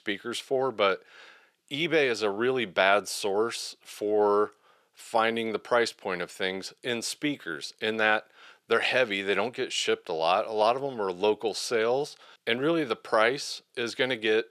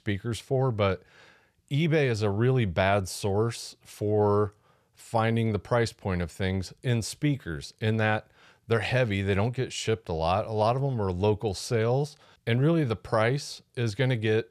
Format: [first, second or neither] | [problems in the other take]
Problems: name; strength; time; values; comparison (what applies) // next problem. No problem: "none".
second | thin; somewhat; fading below 300 Hz